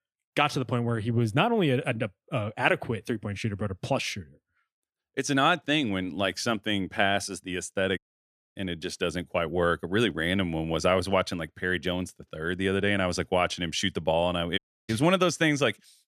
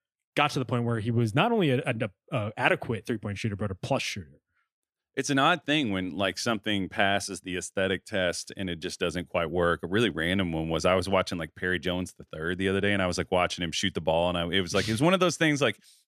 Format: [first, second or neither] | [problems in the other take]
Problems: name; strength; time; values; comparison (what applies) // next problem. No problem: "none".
second | audio cutting out; at 8 s for 0.5 s and at 15 s